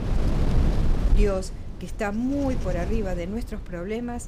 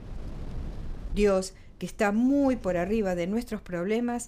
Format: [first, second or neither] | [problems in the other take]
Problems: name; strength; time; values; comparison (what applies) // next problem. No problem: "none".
second | wind noise on the microphone; heavy; 7 dB below the speech; occasional gusts in the second